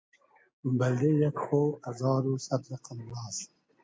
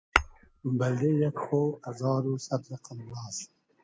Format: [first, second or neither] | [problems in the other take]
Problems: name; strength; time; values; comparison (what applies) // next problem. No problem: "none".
first | background sound (Tap / Glass); 3 dB below the speech